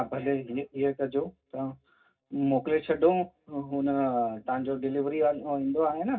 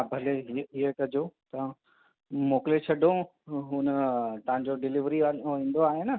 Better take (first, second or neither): second